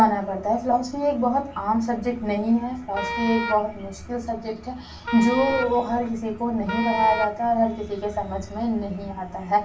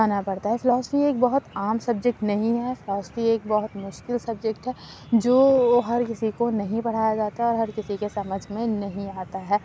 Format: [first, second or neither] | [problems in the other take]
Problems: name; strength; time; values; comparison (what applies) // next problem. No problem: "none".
second | background sound (Wind instrument, woodwind instrument); 7 dB below the speech // room echo; dies away in 0.3 s